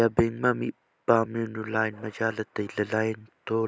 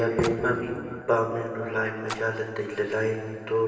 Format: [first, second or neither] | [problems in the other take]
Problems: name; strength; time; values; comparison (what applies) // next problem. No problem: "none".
first | background sound (Splash, splatter); 17 dB below the speech // room echo; dies away in 2.5 s